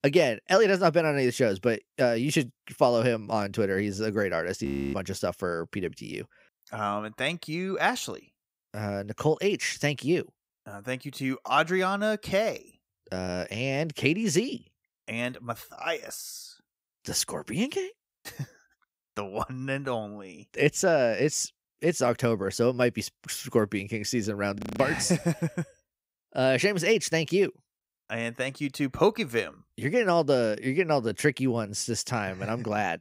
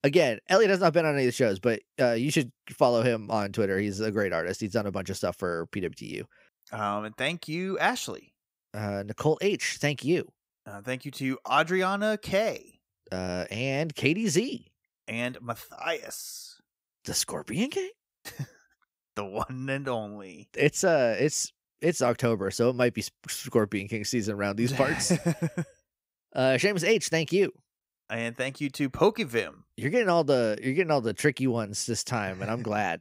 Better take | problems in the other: second | audio freezing; at 4.5 s and at 25 s

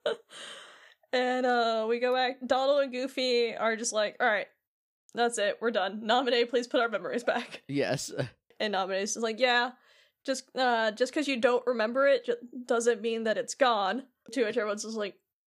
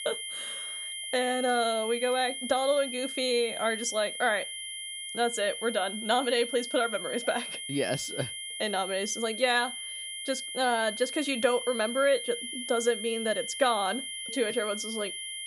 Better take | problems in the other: first | high-pitched whine; loud; throughout; 3 kHz, 6 dB below the speech

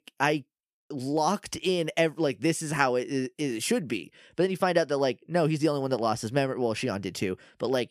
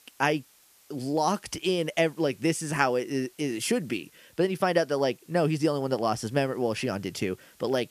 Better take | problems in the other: first | hiss; faint; throughout; 30 dB below the speech

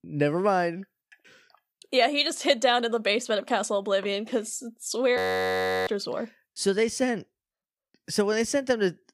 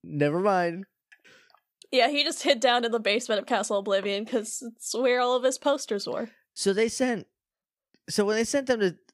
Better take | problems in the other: second | audio freezing; at 5 s for 0.5 s

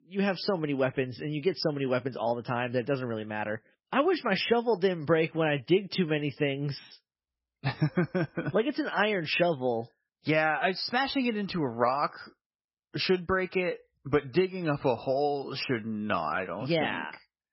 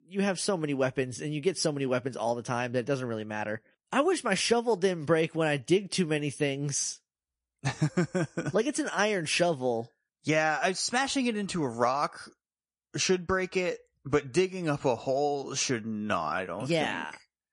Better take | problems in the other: second | garbled, watery; badly; nothing above 5.5 kHz; slightly in the second

